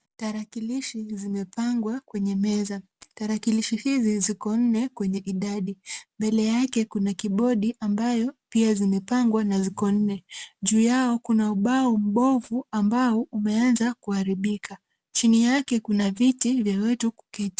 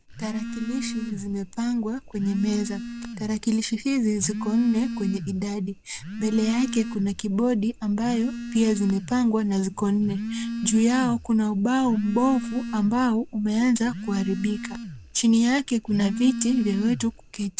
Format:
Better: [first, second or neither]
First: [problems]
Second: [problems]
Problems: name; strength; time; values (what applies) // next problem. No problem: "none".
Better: first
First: none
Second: background sound (Telephone); 10 dB below the speech